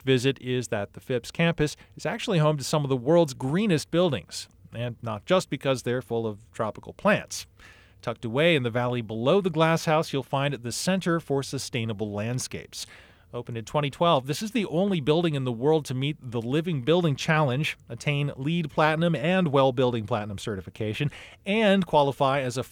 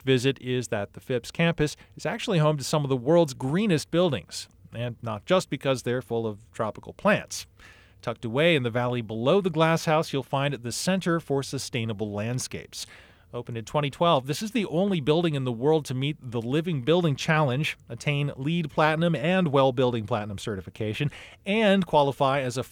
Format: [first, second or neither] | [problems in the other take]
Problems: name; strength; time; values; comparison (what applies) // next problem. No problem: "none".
neither | none